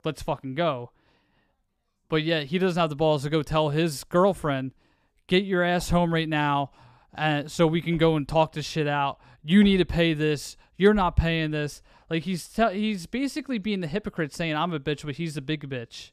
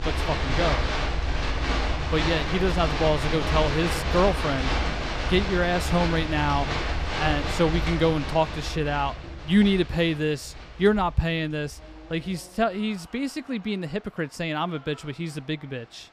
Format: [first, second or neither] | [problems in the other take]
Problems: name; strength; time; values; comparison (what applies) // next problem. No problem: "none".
first | crowd noise; loud; throughout; 2 dB below the speech